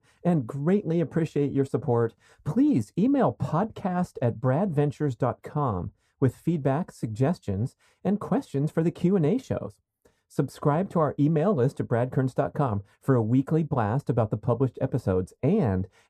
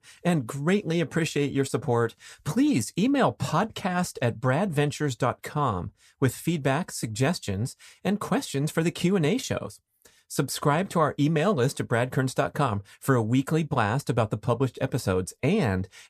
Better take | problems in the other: second | muffled; slightly; fading above 1.5 kHz

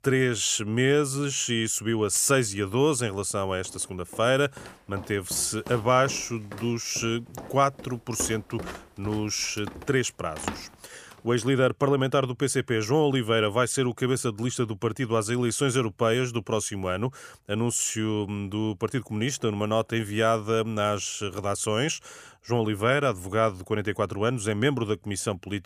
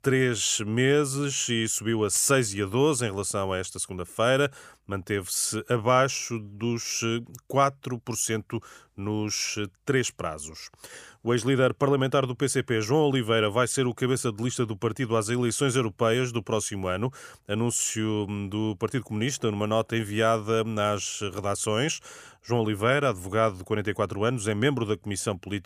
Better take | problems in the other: second | footsteps; noticeable; from 3.5 to 11 s; peak 9 dB below the speech

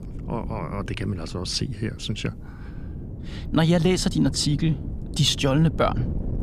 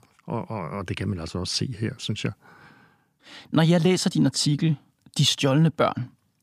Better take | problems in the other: second | wind noise on the microphone; occasional gusts; 15 dB below the speech

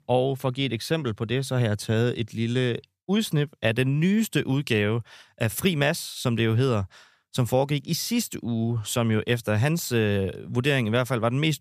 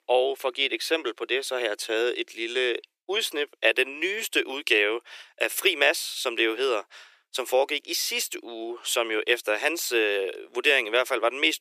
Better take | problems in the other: first | thin; very; fading below 350 Hz

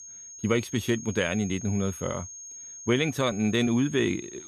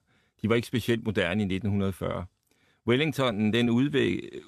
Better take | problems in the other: second | high-pitched whine; noticeable; throughout; 6.5 kHz, 15 dB below the speech

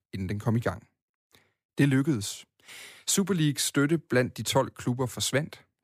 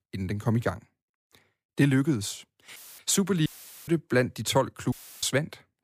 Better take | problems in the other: first | audio cutting out; filled with static; at 3 s, at 3.5 s and at 5 s

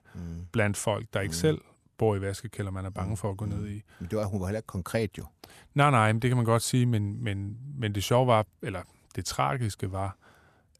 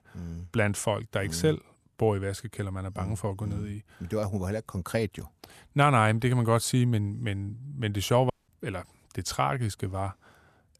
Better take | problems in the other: first | audio cutting out; at 8.5 s

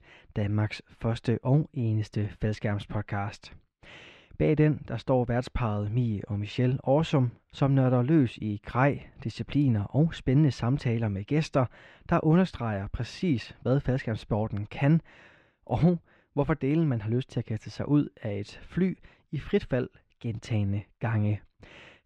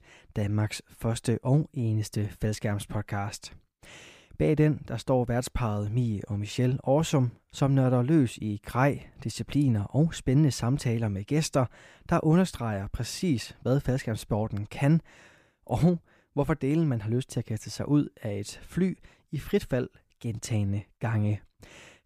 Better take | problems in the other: second | muffled; slightly; fading above 3 kHz

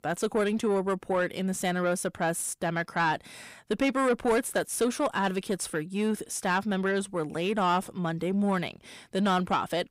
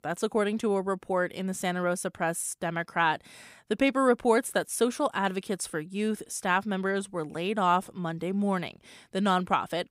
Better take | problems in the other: second | distortion; slight; 10 dB below the speech

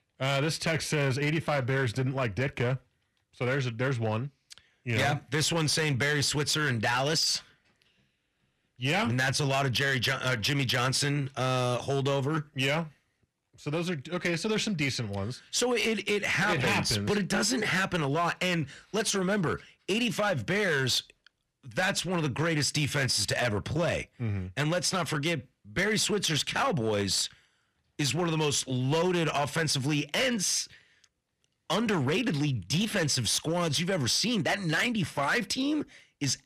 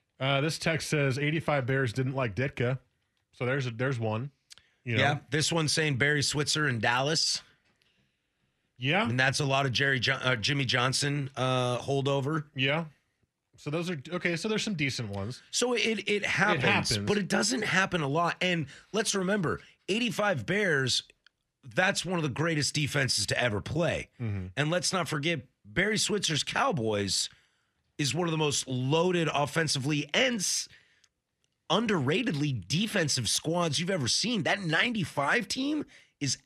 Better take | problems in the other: second | distortion; slight; 8% of the sound clipped

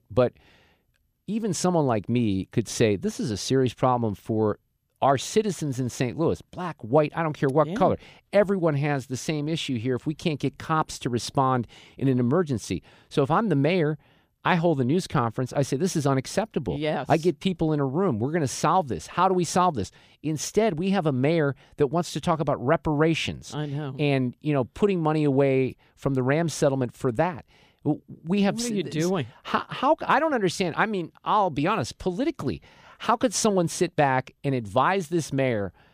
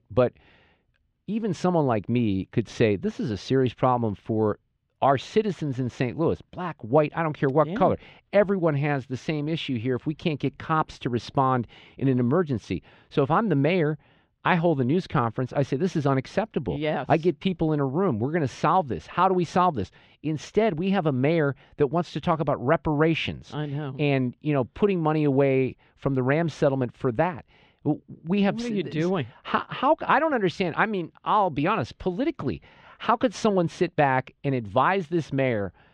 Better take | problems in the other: first | muffled; slightly; fading above 3 kHz

